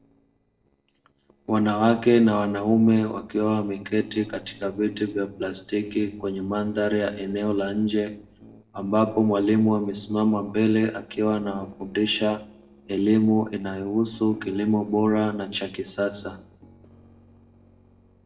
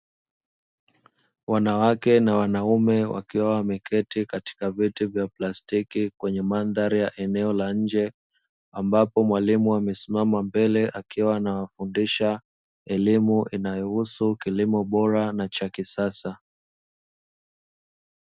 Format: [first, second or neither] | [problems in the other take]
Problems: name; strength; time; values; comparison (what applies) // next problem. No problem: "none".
second | noise reduction (neural separator model SepFormer DNS4)